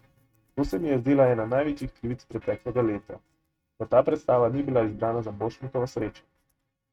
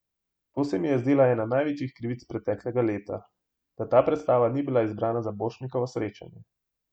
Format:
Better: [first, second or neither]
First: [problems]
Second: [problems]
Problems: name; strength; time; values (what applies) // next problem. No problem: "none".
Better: second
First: noise reduction (neural mask model RNNoise)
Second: none